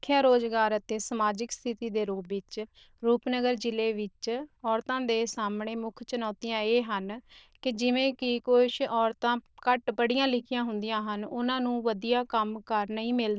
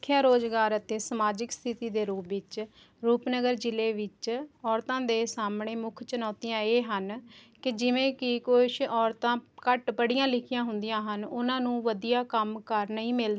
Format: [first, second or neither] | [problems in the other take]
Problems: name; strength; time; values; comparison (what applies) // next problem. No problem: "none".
second | noise reduction (neural diffusion model UNIVERSE++)